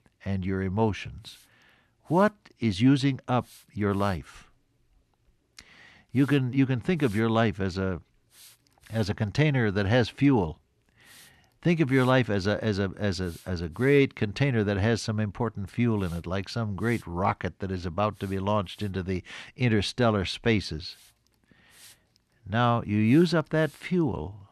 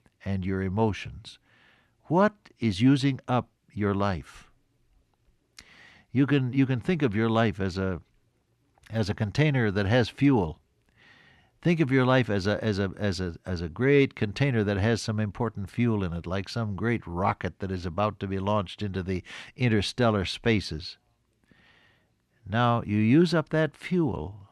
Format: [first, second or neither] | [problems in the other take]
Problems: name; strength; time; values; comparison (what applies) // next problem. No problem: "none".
second | hiss; faint; throughout; 30 dB below the speech